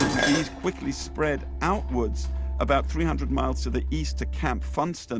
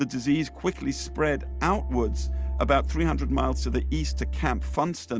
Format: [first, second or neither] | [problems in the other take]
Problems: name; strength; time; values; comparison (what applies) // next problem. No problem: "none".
second | background sound (Dishes, pots, and pans); 9 dB below the speech